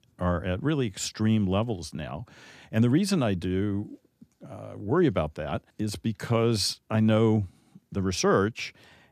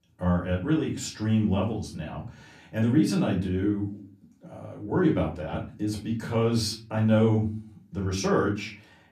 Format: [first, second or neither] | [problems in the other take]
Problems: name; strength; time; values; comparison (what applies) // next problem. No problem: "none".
first | off-mic speech; far // room echo; very slight; dies away in 0.4 s